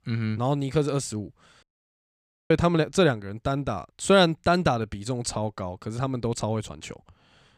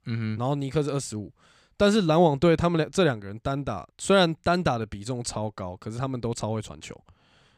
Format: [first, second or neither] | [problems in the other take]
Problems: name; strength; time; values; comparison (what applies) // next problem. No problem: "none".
second | audio cutting out; at 1.5 s for 1 s